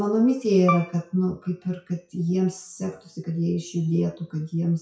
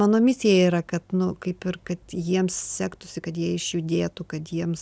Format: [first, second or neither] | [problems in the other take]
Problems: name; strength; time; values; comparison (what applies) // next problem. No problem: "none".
second | noise reduction (classical method WPE with log-MMSE)